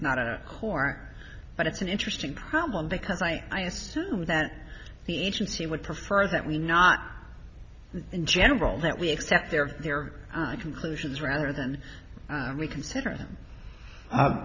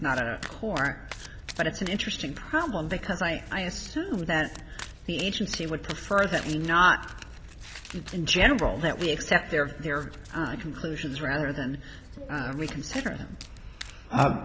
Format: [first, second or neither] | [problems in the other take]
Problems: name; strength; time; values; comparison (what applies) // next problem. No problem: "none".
first | background sound (Domestic sounds, home sounds); 18 dB below the speech